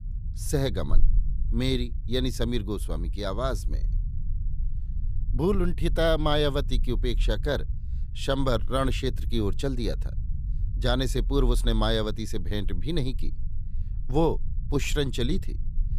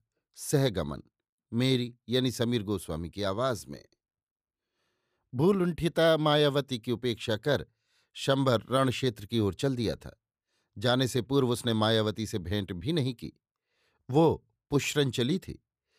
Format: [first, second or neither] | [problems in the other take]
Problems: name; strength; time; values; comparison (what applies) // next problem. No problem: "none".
second | low rumble; faint; throughout; 20 dB below the speech